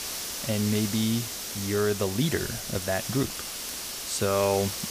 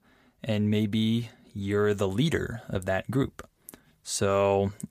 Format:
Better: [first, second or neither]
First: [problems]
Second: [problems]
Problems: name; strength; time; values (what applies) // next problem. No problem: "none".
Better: second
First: hiss; loud; throughout; 4 dB below the speech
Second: none